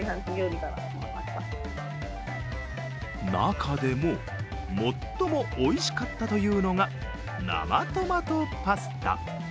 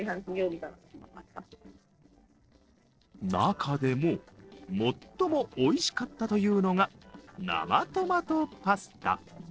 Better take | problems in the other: first | noise reduction (neural separator model SepFormer DNS4)

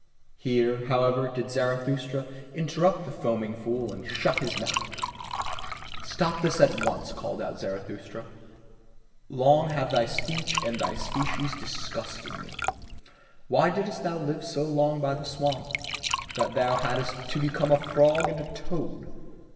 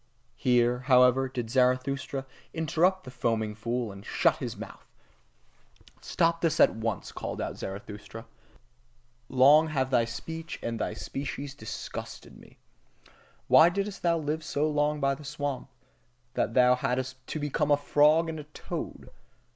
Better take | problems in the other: second | background sound (Liquid); 6 dB below the speech // room echo; dies away in 1.9 s

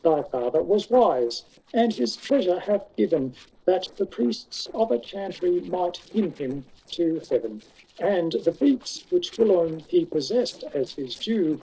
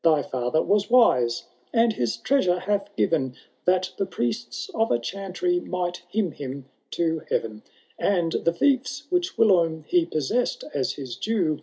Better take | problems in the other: second | noise reduction (neural separator model SepFormer DNS4)

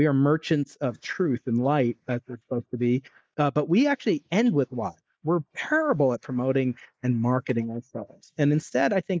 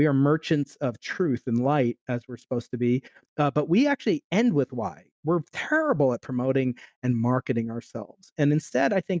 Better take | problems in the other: second | noise reduction (neural mask model Resemble Enhance denoiser)

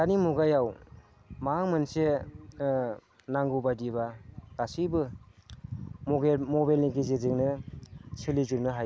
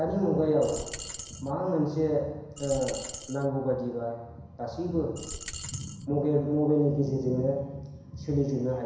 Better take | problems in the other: first | background sound (Coin (dropping)); 11 dB below the speech // room echo; dies away in 1 s

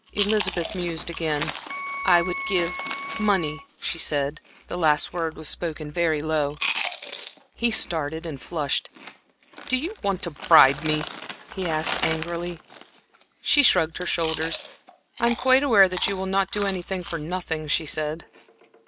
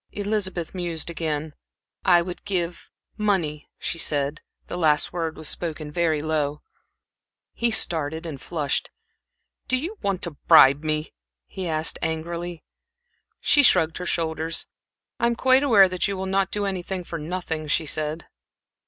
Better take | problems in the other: second | background sound (Wind instrument, woodwind instrument + Chewing, mastication); 10 dB below the speech

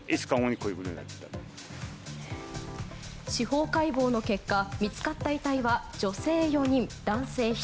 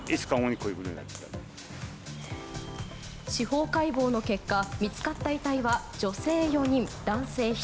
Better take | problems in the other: first | background sound (Walk, footsteps); 18 dB below the speech

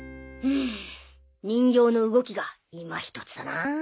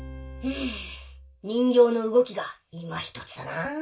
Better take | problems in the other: first | room echo; dies away in 0.2 s

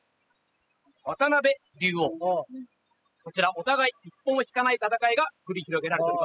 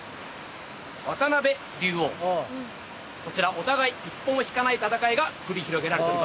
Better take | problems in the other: second | noise reduction (classical method spectral subtraction)

